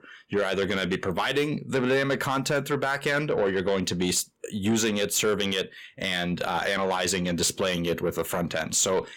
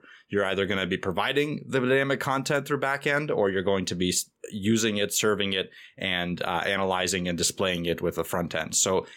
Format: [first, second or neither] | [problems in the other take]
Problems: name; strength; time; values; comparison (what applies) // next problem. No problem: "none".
second | distortion; slight; 10 dB below the speech